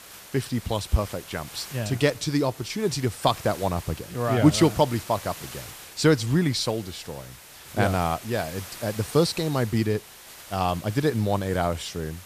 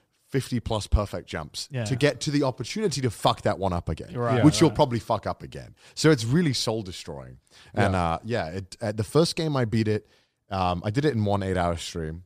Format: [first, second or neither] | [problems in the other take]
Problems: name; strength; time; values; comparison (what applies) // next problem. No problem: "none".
second | hiss; noticeable; throughout; 15 dB below the speech